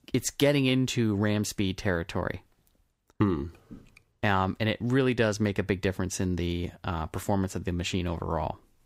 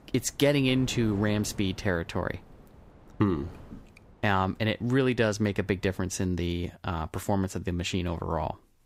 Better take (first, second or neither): first